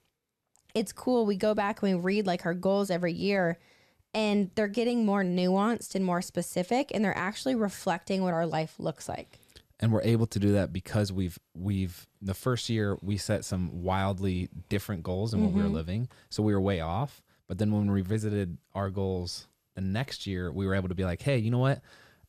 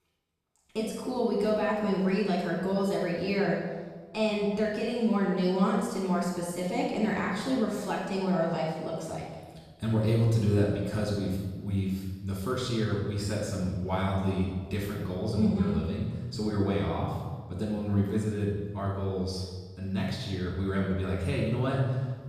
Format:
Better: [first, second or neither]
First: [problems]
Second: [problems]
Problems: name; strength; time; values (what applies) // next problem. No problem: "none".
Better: first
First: none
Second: off-mic speech; far // room echo; noticeable; dies away in 1.2 s